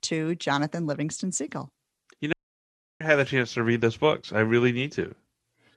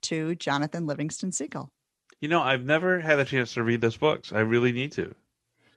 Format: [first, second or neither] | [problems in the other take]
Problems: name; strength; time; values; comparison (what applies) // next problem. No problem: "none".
second | audio cutting out; at 2.5 s for 0.5 s